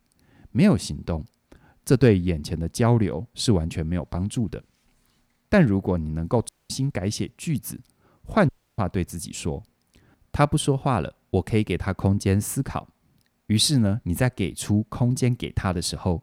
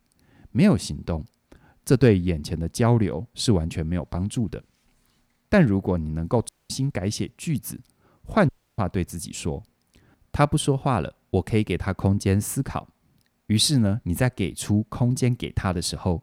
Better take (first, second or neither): neither